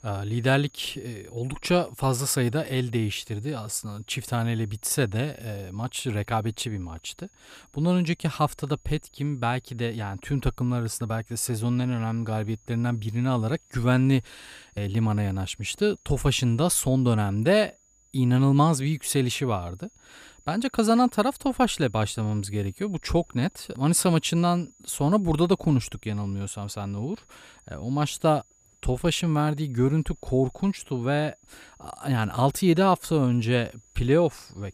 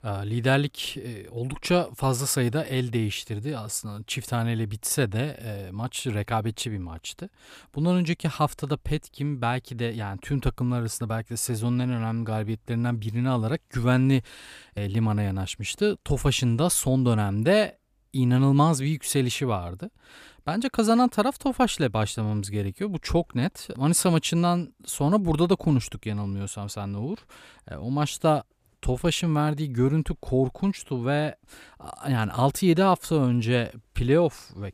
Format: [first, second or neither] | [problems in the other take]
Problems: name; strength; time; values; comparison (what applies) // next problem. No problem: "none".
second | high-pitched whine; faint; throughout; 7 kHz, 30 dB below the speech